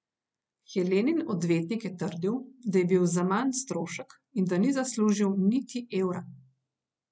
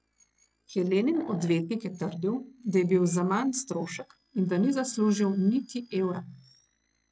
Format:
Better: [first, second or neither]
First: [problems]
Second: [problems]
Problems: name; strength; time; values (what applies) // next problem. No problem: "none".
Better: first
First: none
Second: noise reduction (neural separator model SepFormer DNS4)